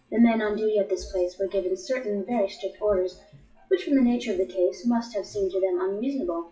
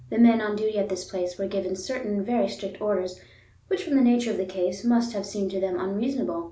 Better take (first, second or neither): second